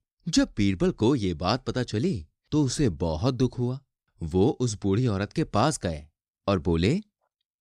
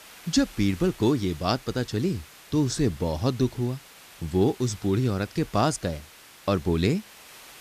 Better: first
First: none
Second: hiss; faint; throughout; 20 dB below the speech

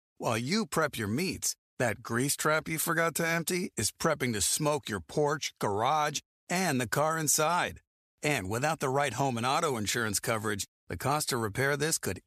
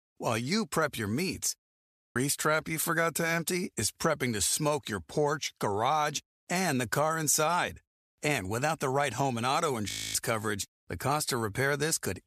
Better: first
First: none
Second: audio freezing; at 2 s and at 10 s

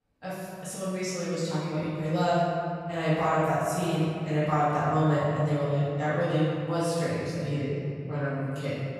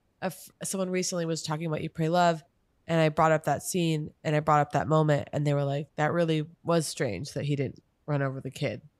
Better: second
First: off-mic speech; far // room echo; strong; dies away in 2.4 s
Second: none

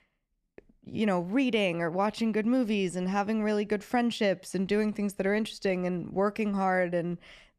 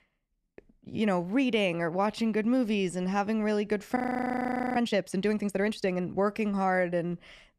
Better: first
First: none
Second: audio freezing; at 4 s for 1 s

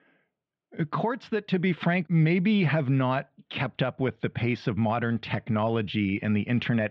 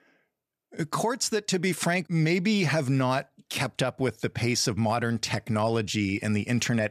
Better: second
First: muffled; very; fading above 3.5 kHz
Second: none

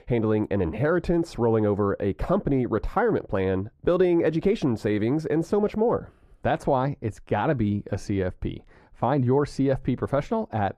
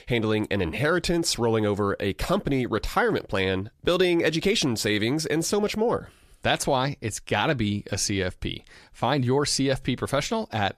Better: second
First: muffled; very; fading above 2 kHz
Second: none

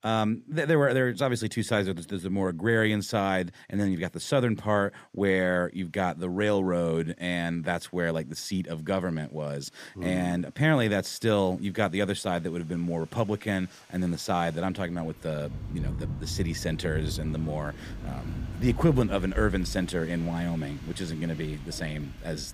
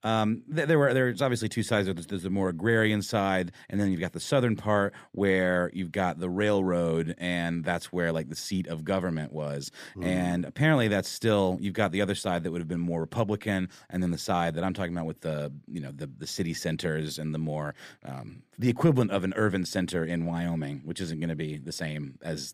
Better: second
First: rain or running water; loud; throughout; 10 dB below the speech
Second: none

